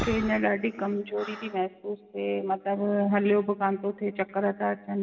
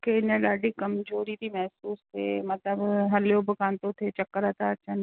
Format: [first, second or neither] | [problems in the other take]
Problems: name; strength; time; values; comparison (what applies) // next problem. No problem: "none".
second | background sound (Breathing); 16 dB below the speech // room echo; dies away in 2.5 s